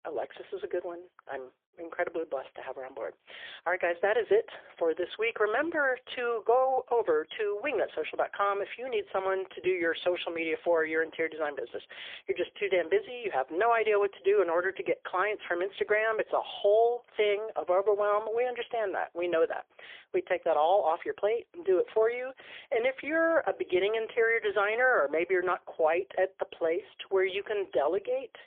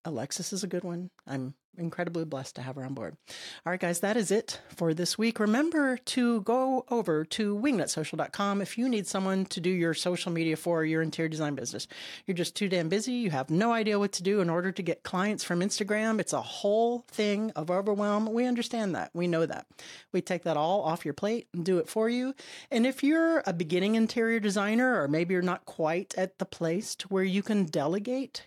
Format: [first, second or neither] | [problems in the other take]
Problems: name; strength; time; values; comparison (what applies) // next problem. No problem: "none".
second | phone-call audio; poor line; nothing above 3.5 kHz